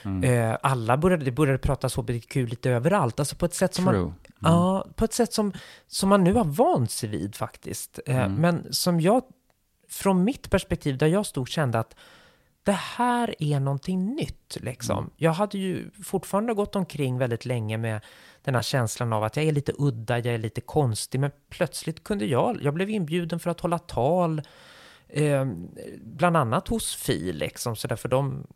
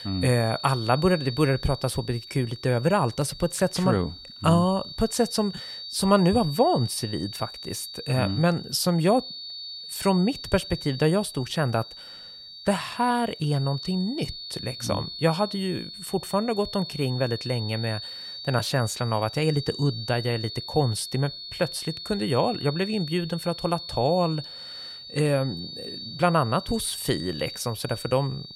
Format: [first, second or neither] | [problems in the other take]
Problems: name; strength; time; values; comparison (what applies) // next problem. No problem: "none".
first | high-pitched whine; noticeable; throughout; 4.5 kHz, 10 dB below the speech